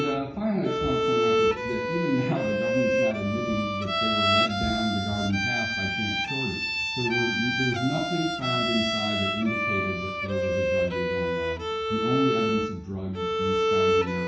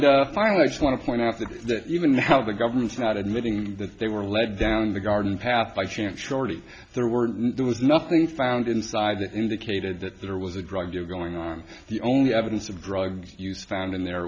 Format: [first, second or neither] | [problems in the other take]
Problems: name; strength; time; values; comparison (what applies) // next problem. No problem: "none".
second | background sound (Bowed string instrument); 2 dB above the speech // room echo; dies away in 0.6 s